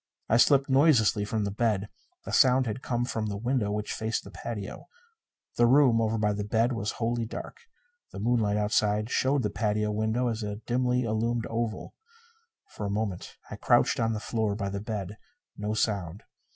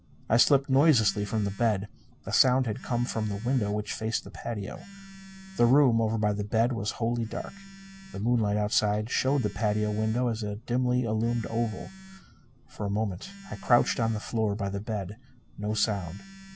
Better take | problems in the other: first | background sound (Telephone); 20 dB below the speech

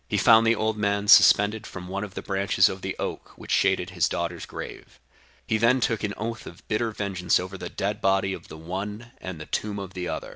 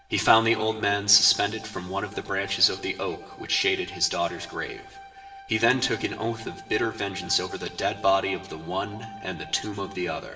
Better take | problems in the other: first | background sound (Bowed string instrument); 18 dB below the speech // room echo; dies away in 2.3 s

